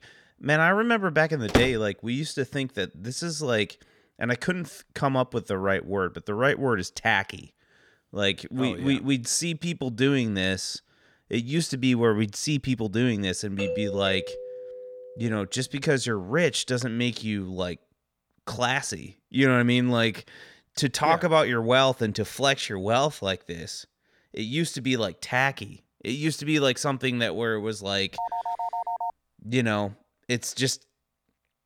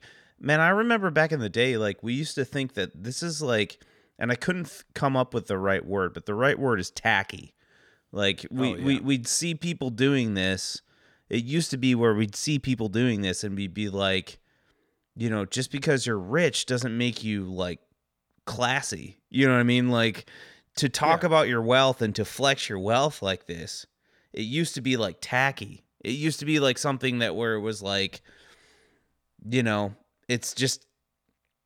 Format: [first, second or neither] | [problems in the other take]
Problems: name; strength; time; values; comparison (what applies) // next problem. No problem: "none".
second | door banging; loud; at 1.5 s; peak level with the speech // doorbell; noticeable; from 14 to 15 s; peak 5 dB below the speech // phone ringing; noticeable; at 28 s; peak 5 dB below the speech